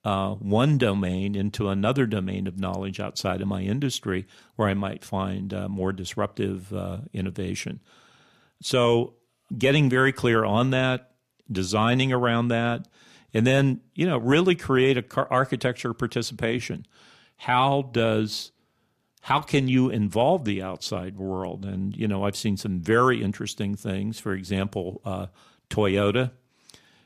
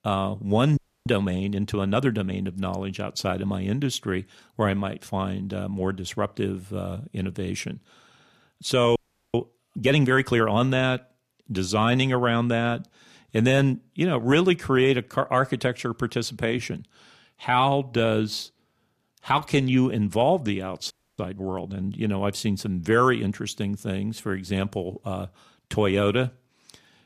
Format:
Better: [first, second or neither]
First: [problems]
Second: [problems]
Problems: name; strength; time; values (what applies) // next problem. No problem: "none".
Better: first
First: none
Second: audio freezing; at 1 s, at 9 s and at 21 s